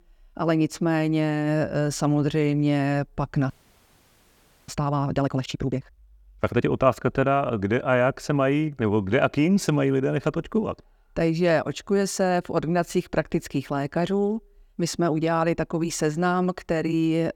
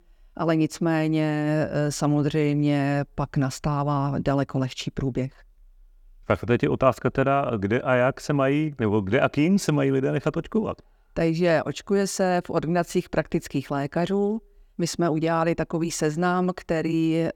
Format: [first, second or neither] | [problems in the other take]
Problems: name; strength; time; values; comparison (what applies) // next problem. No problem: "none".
second | audio freezing; at 3.5 s for 1 s